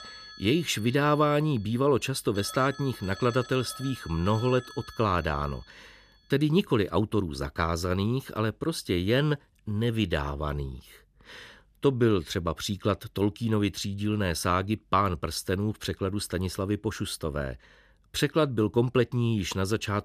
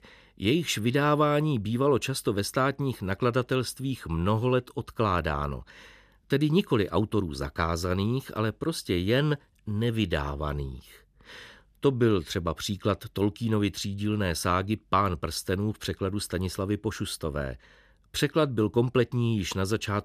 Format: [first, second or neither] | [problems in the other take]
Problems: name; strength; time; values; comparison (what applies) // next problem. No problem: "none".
second | alarms or sirens; noticeable; until 6.5 s; 15 dB below the speech